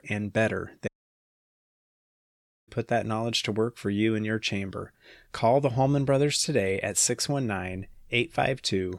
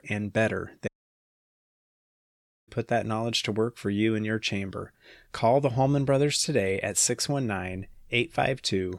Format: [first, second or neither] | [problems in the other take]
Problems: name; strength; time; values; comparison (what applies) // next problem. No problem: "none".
neither | audio cutting out; at 1 s for 2 s; the same in both